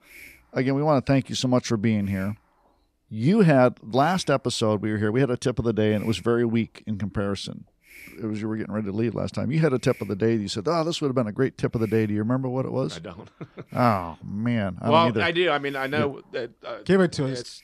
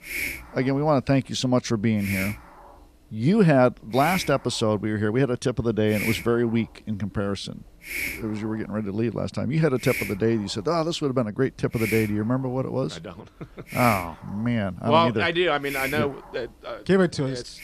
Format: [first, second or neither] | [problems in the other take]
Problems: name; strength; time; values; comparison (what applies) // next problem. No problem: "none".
first | hiss; loud; throughout; 7 dB below the speech; faint in the first